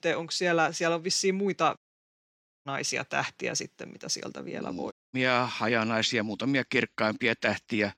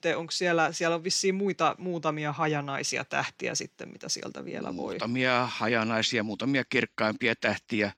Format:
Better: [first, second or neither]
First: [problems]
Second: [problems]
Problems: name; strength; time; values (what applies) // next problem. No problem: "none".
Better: second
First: audio cutting out; at 2 s for 1 s and at 5 s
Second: none